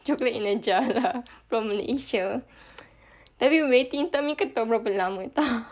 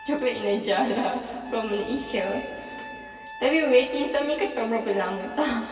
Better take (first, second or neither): first